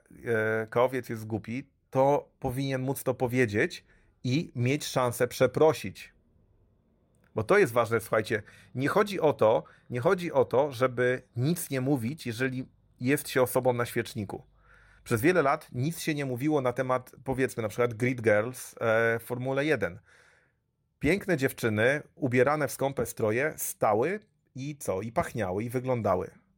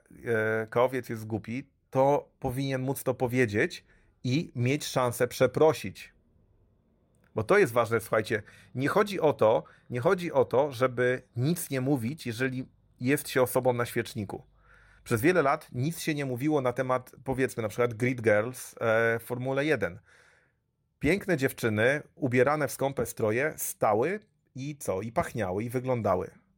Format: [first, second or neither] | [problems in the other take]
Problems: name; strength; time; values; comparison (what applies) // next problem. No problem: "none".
neither | none